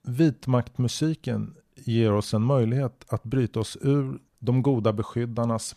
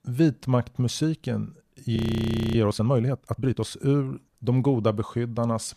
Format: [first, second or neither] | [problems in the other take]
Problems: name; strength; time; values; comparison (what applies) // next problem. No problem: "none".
first | audio freezing; at 2 s for 0.5 s